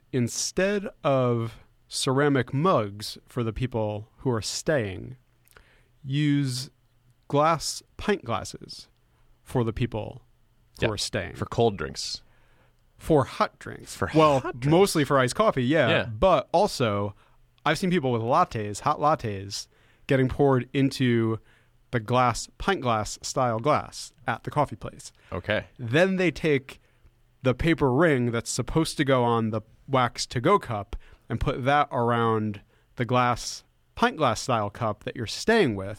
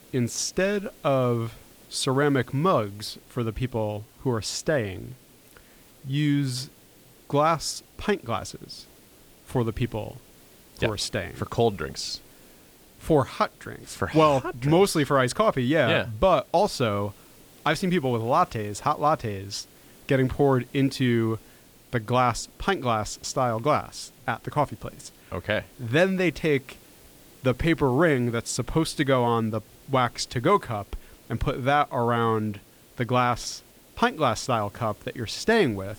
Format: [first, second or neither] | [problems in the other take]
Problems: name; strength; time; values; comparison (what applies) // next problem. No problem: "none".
first | hiss; faint; throughout; 25 dB below the speech